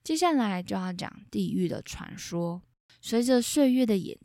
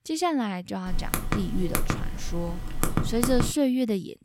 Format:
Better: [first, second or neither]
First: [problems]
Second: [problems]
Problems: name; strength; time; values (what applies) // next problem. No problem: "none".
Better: first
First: none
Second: keyboard typing; loud; from 1 to 3.5 s; peak level with the speech